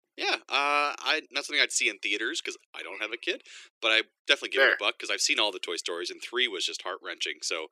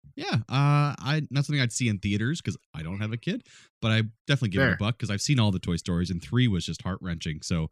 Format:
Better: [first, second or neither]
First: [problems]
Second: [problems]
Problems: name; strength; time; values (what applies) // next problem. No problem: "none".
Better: second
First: thin; very; fading below 350 Hz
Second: none